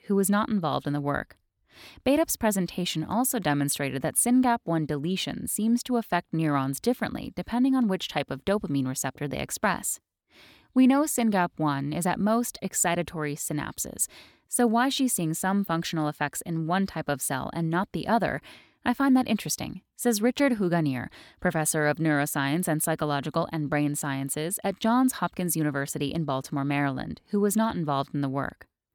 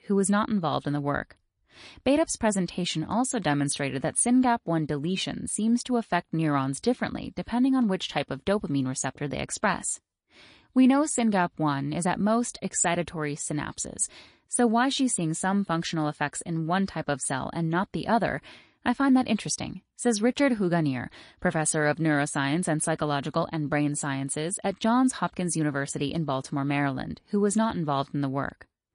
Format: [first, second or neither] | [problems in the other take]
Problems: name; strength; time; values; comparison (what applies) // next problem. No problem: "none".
first | garbled, watery; slightly; nothing above 10.5 kHz